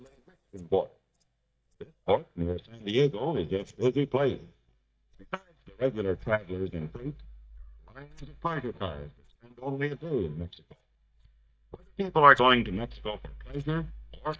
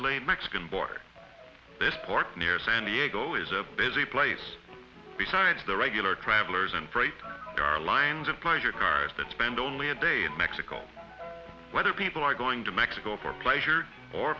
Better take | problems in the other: second | noise reduction (neural mask model DeepFilterNet 3)

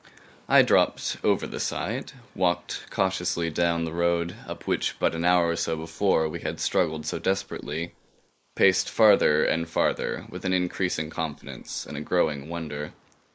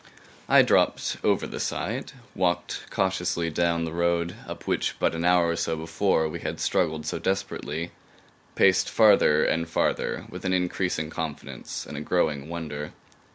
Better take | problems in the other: second | noise reduction (neural mask model Resemble Enhance denoiser)

